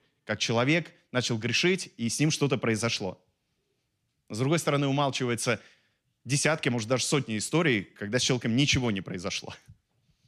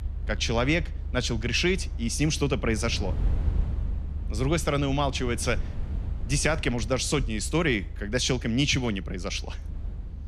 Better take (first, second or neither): first